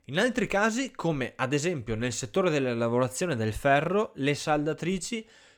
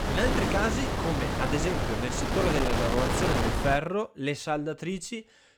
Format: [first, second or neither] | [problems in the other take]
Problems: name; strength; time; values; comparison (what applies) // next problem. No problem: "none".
first | wind noise on the microphone; heavy; until 4 s; 1 dB above the speech